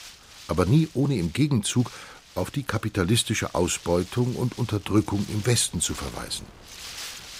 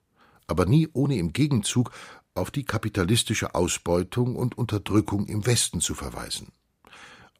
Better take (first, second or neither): second